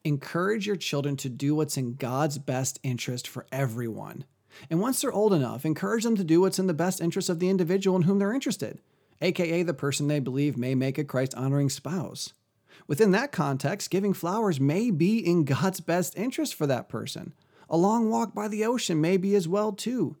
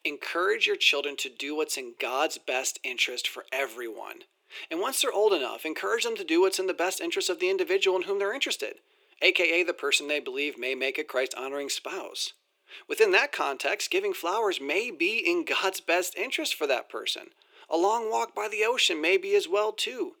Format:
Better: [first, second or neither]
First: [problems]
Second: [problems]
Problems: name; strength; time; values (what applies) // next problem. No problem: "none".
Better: first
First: none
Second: thin; very; fading below 350 Hz